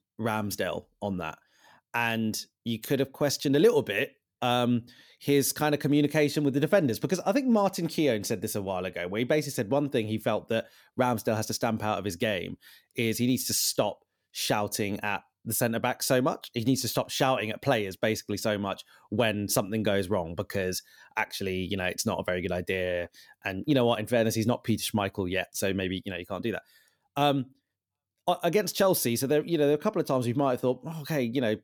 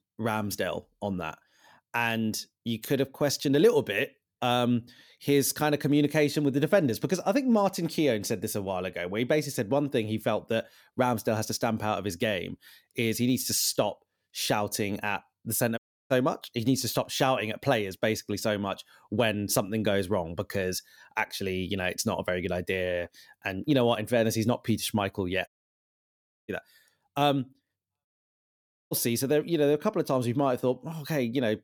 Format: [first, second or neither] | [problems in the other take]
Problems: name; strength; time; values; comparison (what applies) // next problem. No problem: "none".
first | audio cutting out; at 16 s, at 25 s for 1 s and at 28 s for 1 s